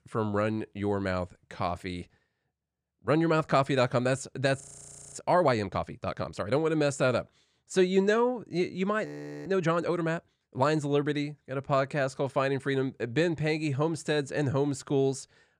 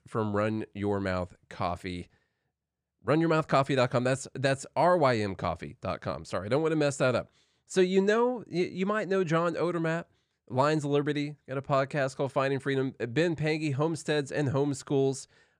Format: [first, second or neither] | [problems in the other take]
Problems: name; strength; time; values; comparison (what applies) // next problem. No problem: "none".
second | audio freezing; at 4.5 s for 0.5 s and at 9 s